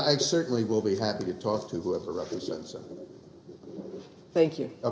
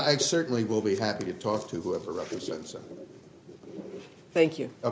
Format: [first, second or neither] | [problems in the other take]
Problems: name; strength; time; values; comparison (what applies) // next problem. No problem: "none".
second | room echo; dies away in 1.4 s